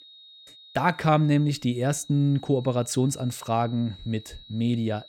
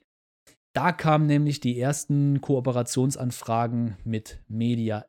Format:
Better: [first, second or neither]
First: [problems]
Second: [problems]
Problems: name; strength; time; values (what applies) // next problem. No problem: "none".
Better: second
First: high-pitched whine; faint; throughout; 4 kHz, 20 dB below the speech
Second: none